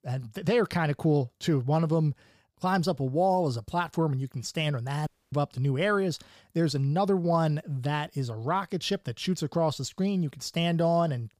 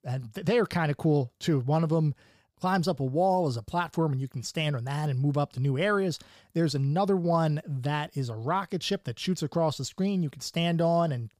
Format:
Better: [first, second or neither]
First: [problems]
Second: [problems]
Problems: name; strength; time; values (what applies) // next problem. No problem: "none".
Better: second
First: audio cutting out; at 5 s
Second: none